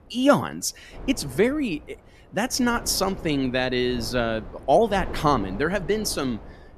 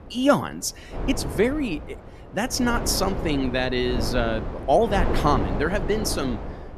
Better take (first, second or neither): first